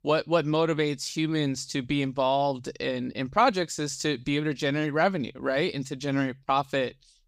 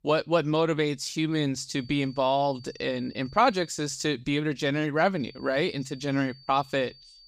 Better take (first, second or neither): first